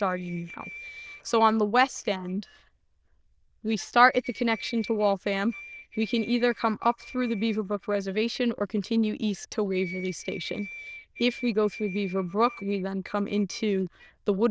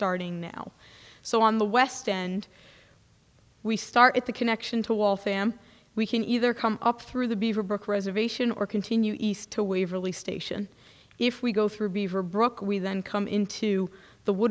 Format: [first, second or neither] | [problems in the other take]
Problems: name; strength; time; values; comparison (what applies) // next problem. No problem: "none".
second | noise reduction (neural diffusion model UNIVERSE++)